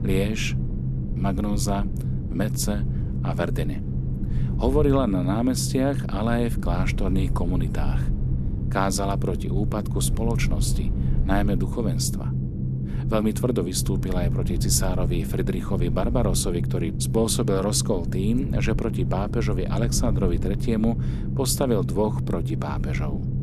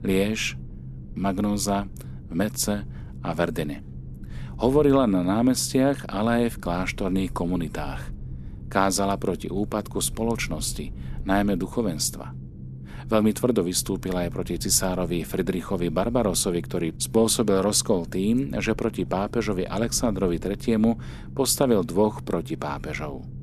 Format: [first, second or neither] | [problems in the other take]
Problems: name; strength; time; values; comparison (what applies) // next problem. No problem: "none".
second | low rumble; loud; throughout; 9 dB below the speech; faint in the second